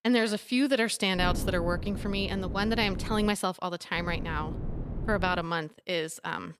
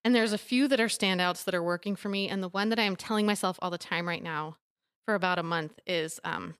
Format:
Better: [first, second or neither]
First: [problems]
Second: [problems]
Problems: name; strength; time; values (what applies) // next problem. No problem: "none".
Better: second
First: wind noise on the microphone; occasional gusts; from 1 to 3.5 s and from 4 to 5.5 s; 15 dB below the speech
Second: none